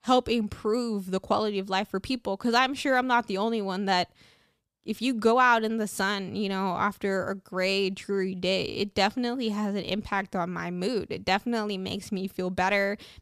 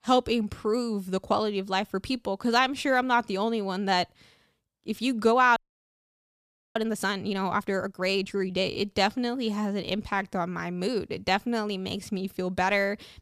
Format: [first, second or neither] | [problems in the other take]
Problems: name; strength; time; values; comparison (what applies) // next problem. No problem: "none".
first | audio freezing; at 5.5 s for 1 s